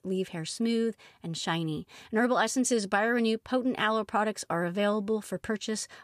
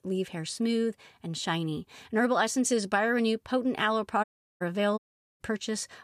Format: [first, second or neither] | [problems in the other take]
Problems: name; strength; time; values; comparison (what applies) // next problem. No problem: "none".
first | audio cutting out; at 4 s and at 5 s